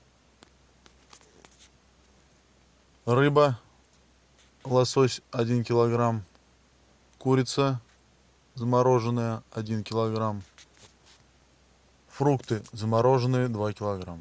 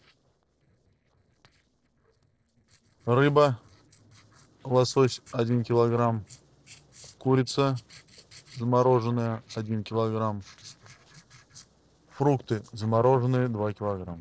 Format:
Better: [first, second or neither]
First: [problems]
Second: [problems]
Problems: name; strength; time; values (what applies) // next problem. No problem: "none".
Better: first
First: none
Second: noise reduction (neural separator model SepFormer DNS4)